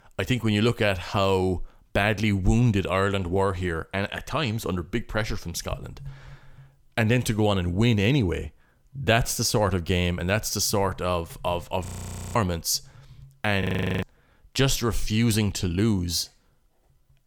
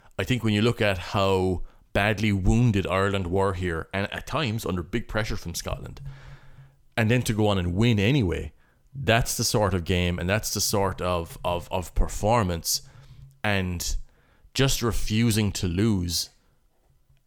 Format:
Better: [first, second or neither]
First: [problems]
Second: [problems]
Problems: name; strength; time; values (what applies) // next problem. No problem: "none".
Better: second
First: audio freezing; at 12 s for 0.5 s and at 14 s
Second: none